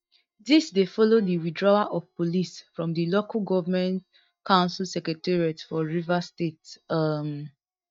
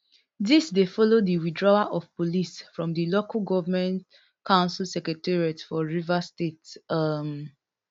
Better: second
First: noise reduction (neural mask model DeepFilterNet 3)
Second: none

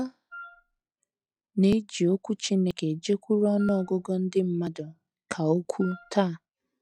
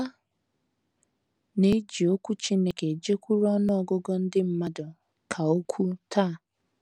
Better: second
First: noise reduction (classical method log-MMSE)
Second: none

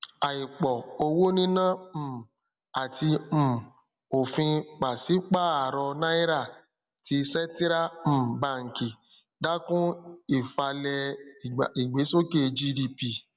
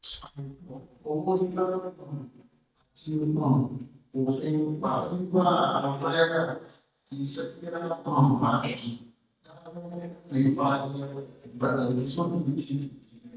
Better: first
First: none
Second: noise reduction (neural mask model DeepFilterNet 3)

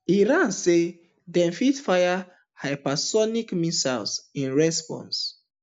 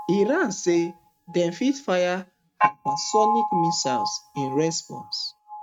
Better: first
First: none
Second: noise reduction (neural mask model RNNoise)

